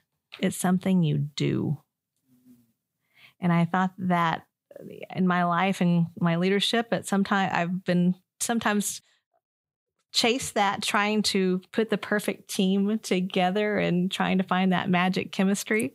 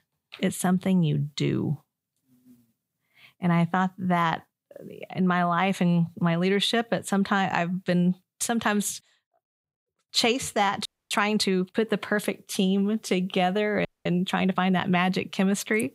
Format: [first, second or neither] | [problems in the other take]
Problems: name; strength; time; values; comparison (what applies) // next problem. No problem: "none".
first | audio freezing; at 11 s and at 14 s